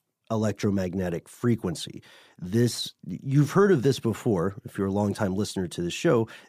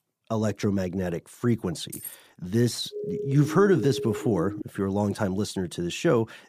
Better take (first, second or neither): first